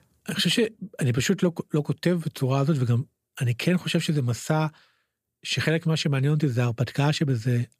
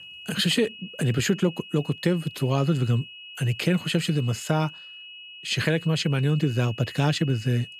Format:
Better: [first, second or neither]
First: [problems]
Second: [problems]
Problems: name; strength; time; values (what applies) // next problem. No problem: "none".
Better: first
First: none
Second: high-pitched whine; noticeable; throughout; 3 kHz, 15 dB below the speech